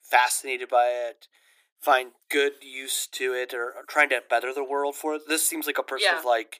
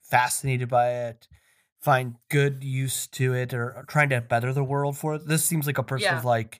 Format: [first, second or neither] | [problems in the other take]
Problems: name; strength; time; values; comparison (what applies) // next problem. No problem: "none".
second | thin; very; fading below 300 Hz